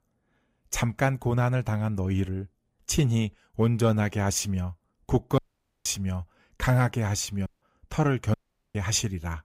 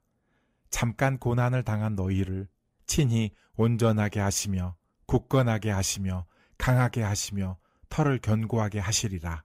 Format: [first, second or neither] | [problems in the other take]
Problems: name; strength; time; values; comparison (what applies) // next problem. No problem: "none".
second | audio cutting out; at 5.5 s, at 7.5 s and at 8.5 s